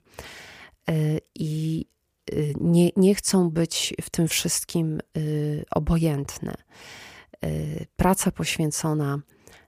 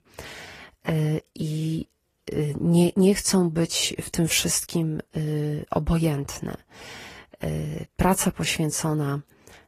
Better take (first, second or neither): first